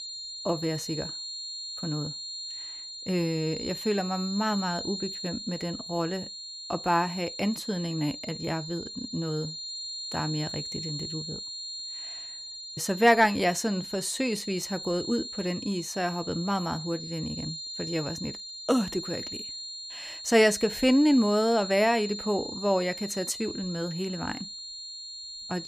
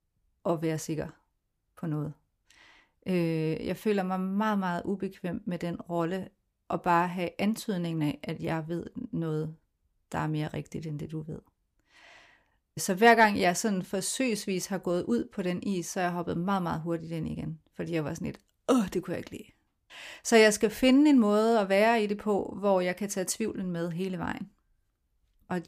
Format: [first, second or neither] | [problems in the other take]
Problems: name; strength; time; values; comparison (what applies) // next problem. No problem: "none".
second | high-pitched whine; loud; throughout; 4 kHz, 8 dB below the speech